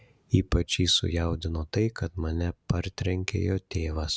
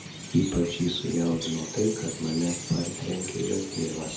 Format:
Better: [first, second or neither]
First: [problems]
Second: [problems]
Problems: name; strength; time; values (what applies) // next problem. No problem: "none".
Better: first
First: none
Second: background sound (Chirp, tweet); 9 dB below the speech // room echo; dies away in 0.5 s